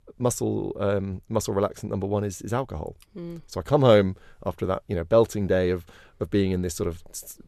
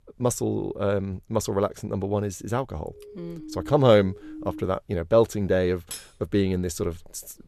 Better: first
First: none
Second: siren; faint; from 3 to 4.5 s; peak 15 dB below the speech // clattering dishes; faint; at 6 s; peak 15 dB below the speech

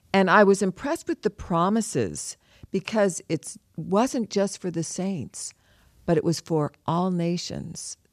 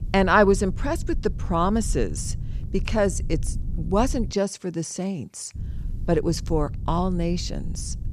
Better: first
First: none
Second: low rumble; faint; until 4.5 s and from 5.5 s on; 25 dB below the speech

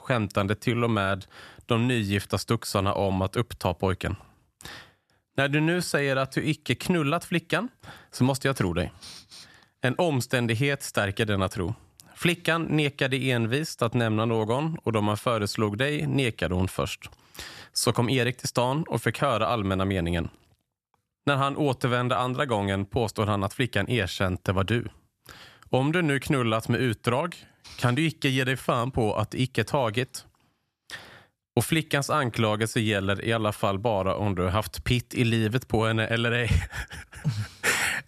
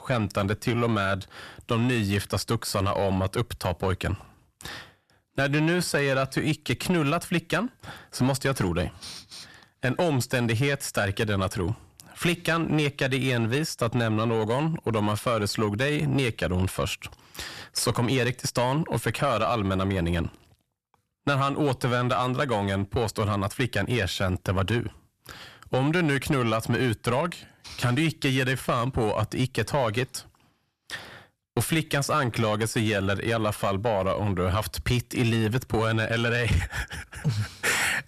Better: first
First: none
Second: distortion; slight; 10 dB below the speech

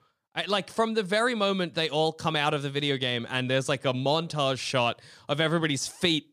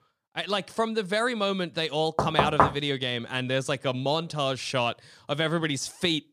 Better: first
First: none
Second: door banging; loud; at 2 s; peak 5 dB above the speech

